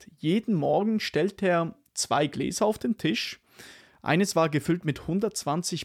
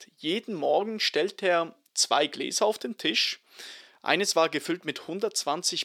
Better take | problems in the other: first | thin; somewhat; fading below 400 Hz

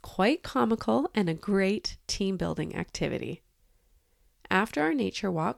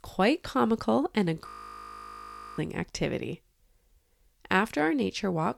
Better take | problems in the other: first | audio freezing; at 1.5 s for 1 s

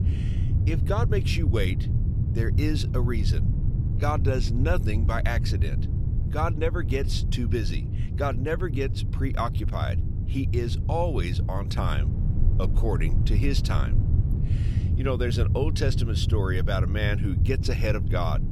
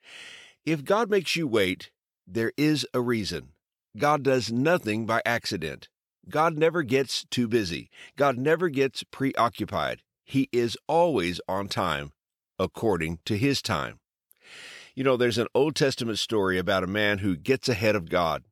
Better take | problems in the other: second | low rumble; loud; throughout; 8 dB below the speech

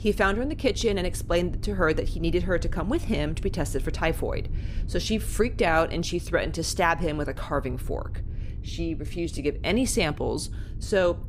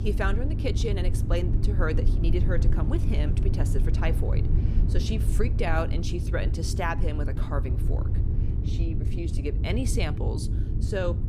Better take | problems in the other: first | low rumble; loud; throughout; 7 dB below the speech; faint in the first

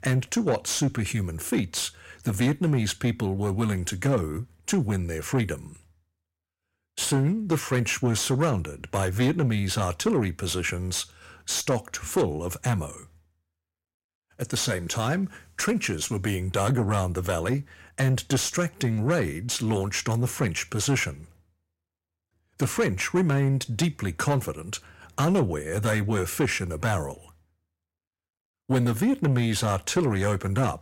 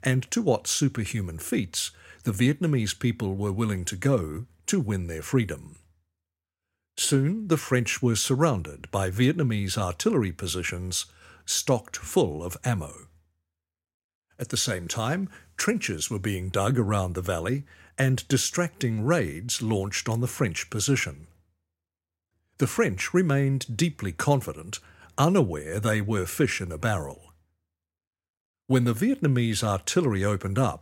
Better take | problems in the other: second | distortion; slight; 10 dB below the speech

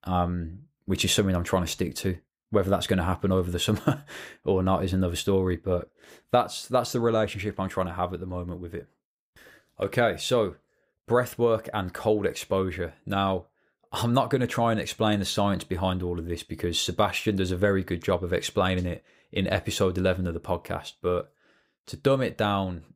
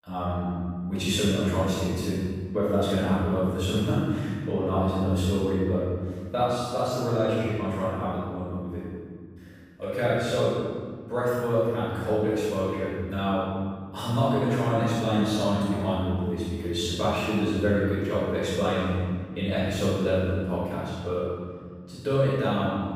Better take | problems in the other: first | room echo; strong; dies away in 2.1 s // off-mic speech; far

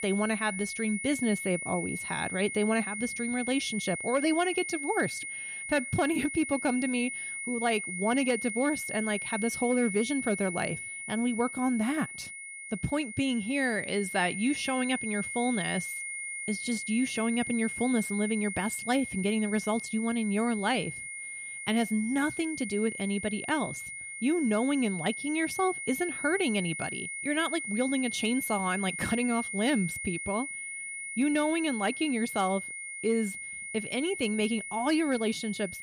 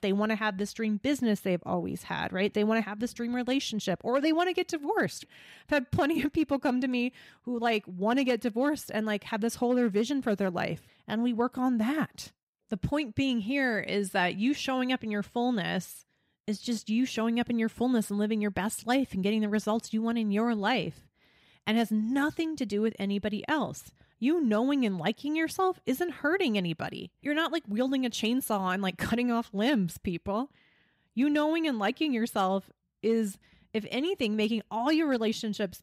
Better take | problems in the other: second | high-pitched whine; loud; throughout; 2 kHz, 5 dB below the speech

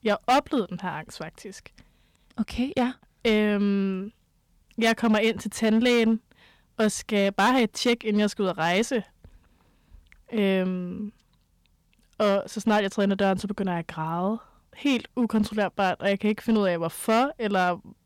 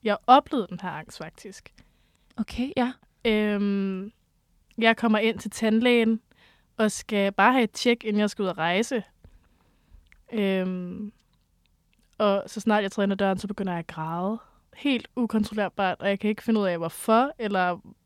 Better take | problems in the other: second | distortion; slight; 4% of the sound clipped

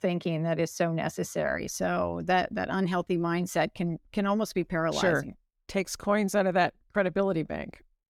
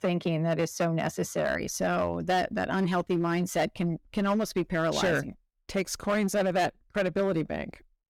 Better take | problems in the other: first | distortion; slight; 6% of the sound clipped

